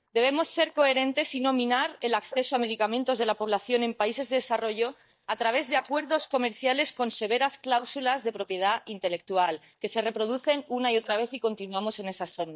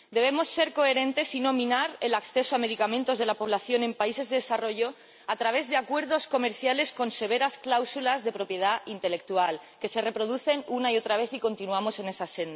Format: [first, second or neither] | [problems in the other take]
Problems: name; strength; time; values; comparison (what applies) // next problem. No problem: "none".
second | noise reduction (neural mask model DeepFilterNet 3)